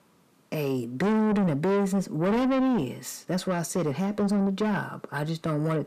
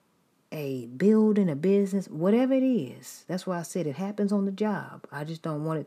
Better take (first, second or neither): second